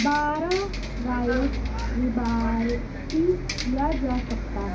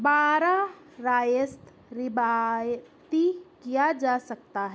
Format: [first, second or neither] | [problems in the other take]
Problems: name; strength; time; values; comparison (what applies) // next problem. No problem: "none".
second | background sound (Bus); 3 dB below the speech // room echo; dies away in 0.4 s